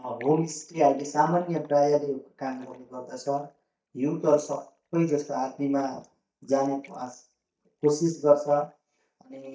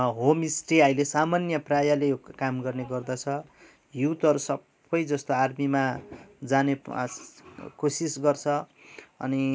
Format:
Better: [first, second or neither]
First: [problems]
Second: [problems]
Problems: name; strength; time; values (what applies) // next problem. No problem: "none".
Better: second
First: noise reduction (neural mask model DeepFilterNet 3)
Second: none